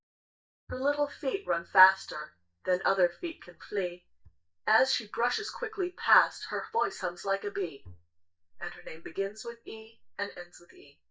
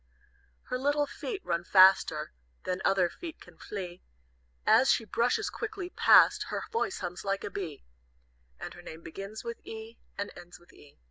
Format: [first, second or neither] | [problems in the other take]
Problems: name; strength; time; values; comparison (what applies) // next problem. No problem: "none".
second | noise reduction (neural mask model DeepFilterNet 3)